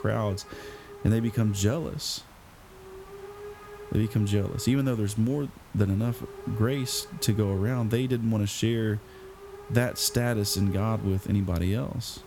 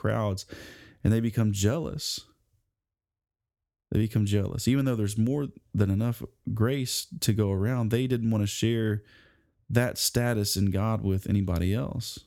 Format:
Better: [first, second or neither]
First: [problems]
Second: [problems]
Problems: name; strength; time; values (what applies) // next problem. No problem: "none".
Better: second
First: hiss; noticeable; throughout; 20 dB below the speech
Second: none